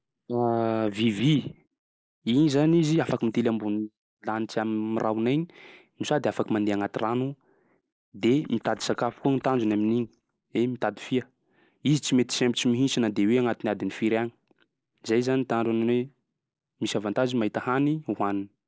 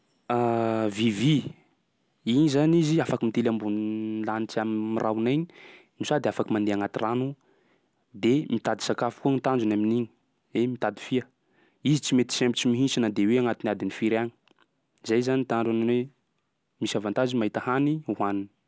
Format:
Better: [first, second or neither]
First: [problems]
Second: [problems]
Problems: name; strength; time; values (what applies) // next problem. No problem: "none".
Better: second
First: noise reduction (neural mask model Resemble Enhance denoiser)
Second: none